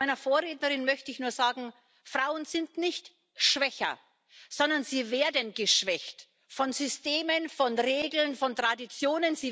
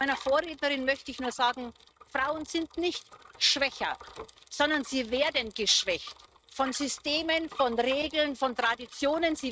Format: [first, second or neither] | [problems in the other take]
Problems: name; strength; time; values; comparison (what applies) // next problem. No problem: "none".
first | noise reduction (neural mask model RNNoise)